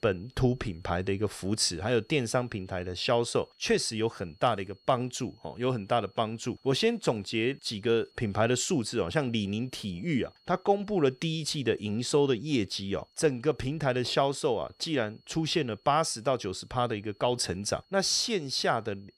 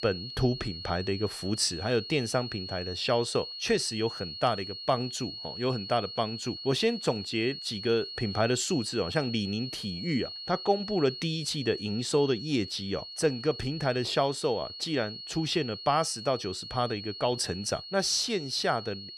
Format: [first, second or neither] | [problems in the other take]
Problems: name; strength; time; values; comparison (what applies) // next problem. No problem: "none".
first | high-pitched whine; loud; throughout; 4.5 kHz, 9 dB below the speech; faint in the first